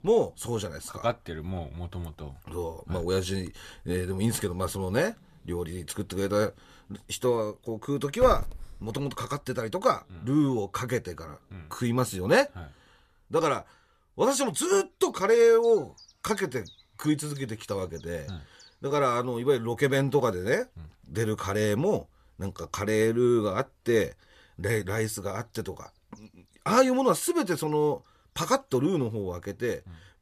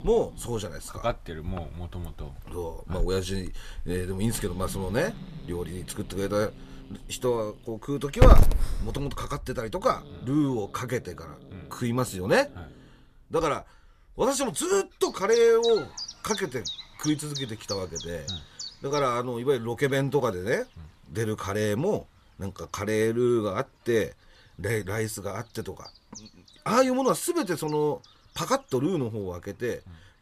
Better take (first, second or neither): first